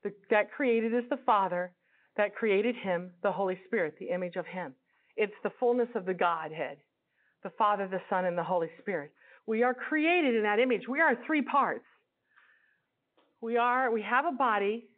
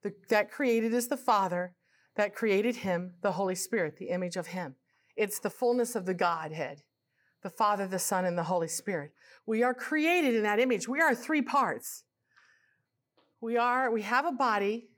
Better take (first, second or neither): second